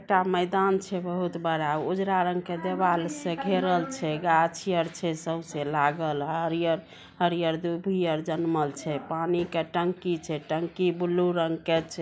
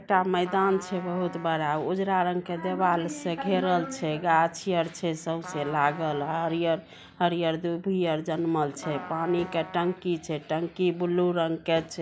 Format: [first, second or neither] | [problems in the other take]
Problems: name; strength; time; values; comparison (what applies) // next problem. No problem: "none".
first | background sound (Trumpet); 16 dB below the speech